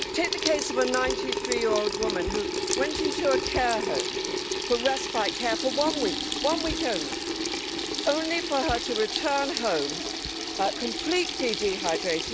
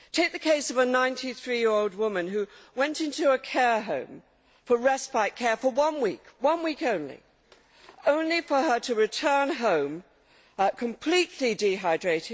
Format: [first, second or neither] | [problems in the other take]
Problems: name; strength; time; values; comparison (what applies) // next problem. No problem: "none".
second | background sound (Sink (filling or washing) / Water tap, faucet); 1 dB below the speech